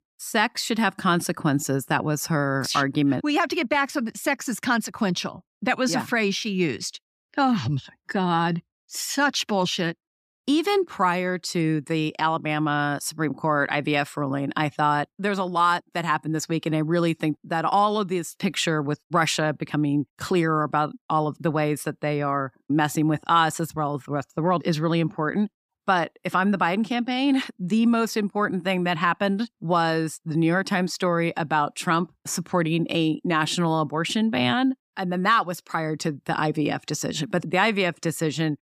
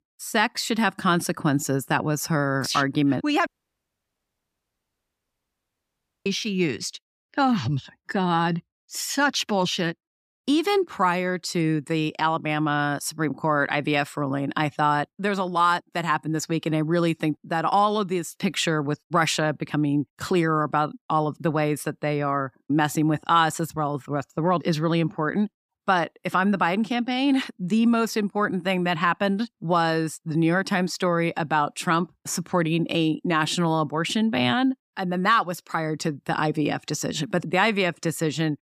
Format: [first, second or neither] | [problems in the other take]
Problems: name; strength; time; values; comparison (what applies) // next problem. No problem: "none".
first | audio cutting out; at 3.5 s for 3 s